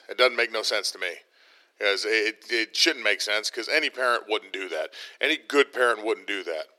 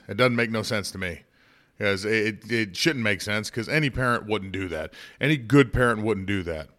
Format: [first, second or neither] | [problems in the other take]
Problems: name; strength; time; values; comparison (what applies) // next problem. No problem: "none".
second | thin; very; fading below 350 Hz